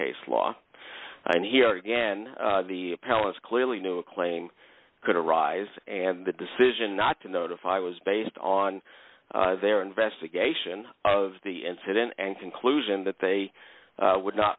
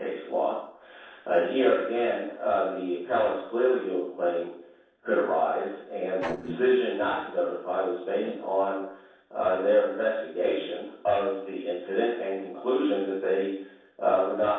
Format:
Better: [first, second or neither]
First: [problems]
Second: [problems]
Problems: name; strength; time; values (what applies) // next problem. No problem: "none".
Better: first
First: none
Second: noise reduction (neural separator model SepFormer DNS4)